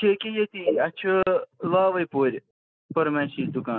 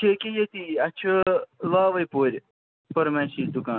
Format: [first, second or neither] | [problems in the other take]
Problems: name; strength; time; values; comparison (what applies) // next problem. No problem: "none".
second | noise reduction (neural mask model Resemble Enhance denoiser)